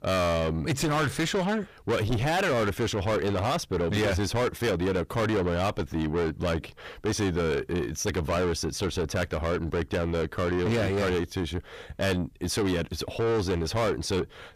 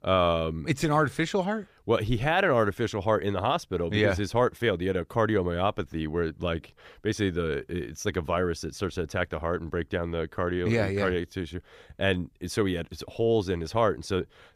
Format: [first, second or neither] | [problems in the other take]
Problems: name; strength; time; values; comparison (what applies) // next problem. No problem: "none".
second | distortion; heavy; 6 dB below the speech